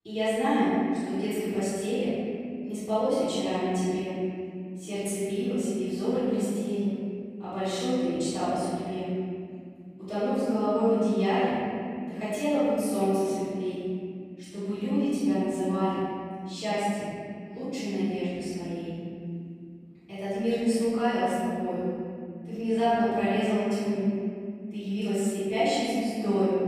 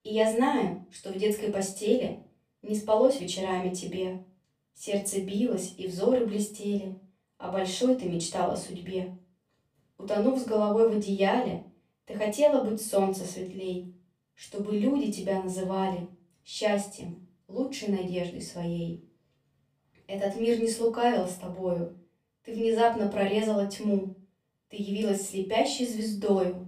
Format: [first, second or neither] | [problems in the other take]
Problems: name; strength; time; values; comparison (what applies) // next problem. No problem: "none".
second | room echo; strong; dies away in 2.5 s; slight in the second // off-mic speech; far; far in the second